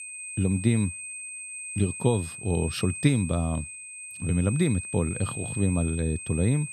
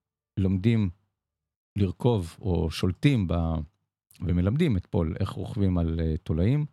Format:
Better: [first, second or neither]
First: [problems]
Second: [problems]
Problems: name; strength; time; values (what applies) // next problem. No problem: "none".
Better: second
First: high-pitched whine; loud; throughout; 8.5 kHz, 8 dB below the speech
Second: none